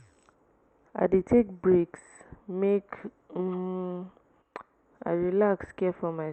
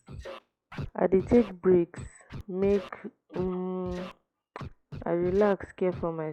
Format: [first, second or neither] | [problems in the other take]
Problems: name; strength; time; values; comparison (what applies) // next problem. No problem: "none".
first | noise reduction (classical method log-MMSE)